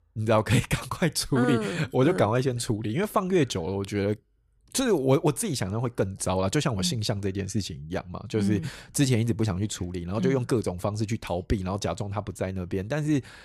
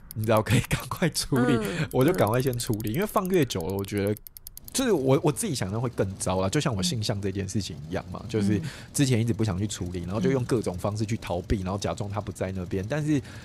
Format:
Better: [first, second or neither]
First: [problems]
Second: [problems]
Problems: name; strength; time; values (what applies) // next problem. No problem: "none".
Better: first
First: none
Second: traffic noise; noticeable; throughout; 20 dB below the speech